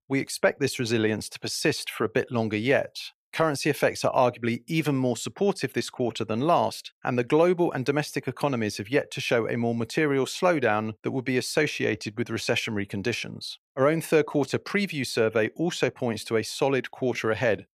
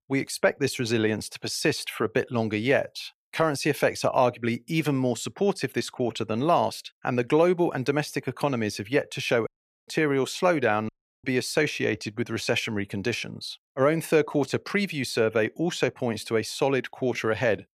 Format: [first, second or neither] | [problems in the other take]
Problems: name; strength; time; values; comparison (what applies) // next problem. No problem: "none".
first | audio cutting out; at 9.5 s and at 11 s